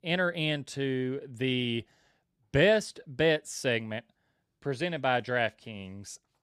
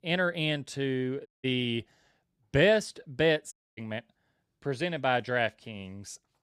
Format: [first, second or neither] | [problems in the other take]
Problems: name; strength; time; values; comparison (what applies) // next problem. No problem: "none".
first | audio cutting out; at 1.5 s and at 3.5 s